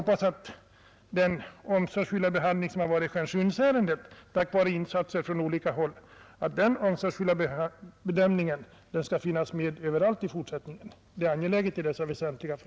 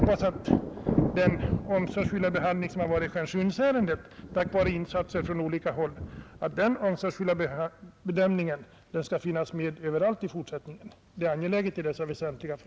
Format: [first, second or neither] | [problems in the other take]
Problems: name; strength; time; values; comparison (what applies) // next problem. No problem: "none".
first | background sound (Thunder); 6 dB below the speech